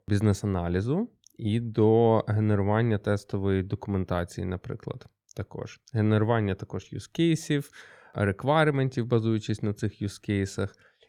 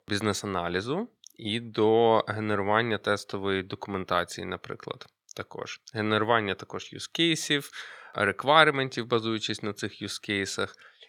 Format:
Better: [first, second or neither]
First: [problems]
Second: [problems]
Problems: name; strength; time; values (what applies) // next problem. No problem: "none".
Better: first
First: none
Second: thin; somewhat; fading below 650 Hz